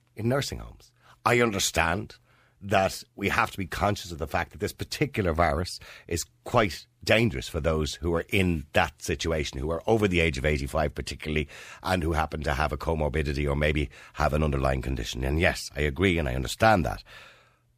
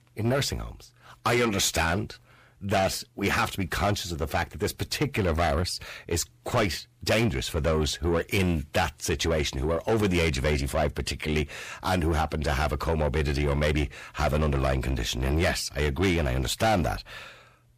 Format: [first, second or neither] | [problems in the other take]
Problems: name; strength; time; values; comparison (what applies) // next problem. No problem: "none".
first | distortion; heavy; 8 dB below the speech